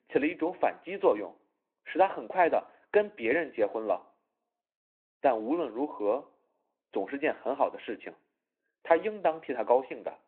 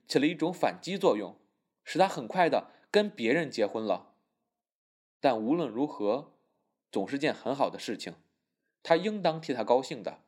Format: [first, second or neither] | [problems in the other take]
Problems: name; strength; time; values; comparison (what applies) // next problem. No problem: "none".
second | phone-call audio